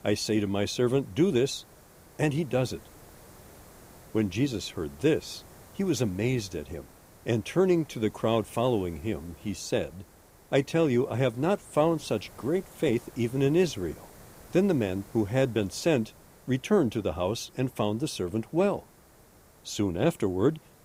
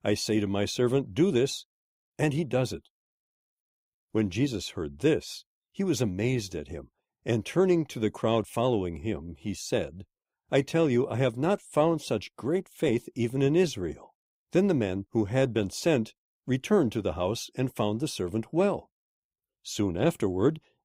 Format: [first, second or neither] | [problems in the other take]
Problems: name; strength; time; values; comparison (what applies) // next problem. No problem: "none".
second | hiss; faint; throughout; 25 dB below the speech